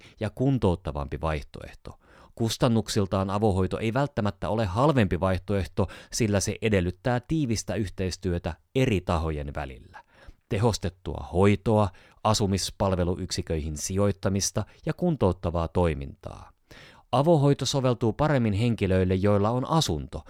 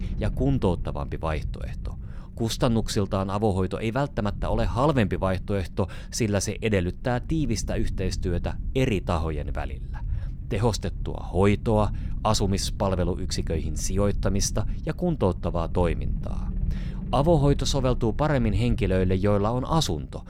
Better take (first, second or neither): first